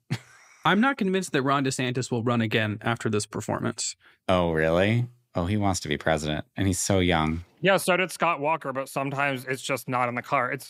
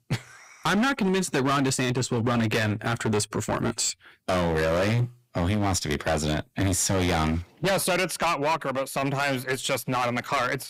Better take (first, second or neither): first